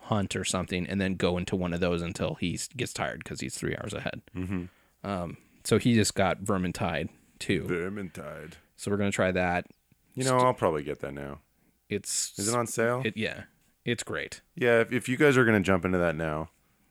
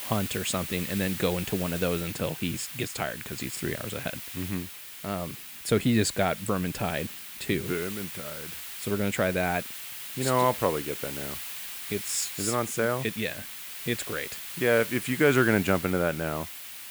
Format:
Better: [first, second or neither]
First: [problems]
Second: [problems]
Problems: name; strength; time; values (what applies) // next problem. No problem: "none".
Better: first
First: none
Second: hiss; loud; throughout; 7 dB below the speech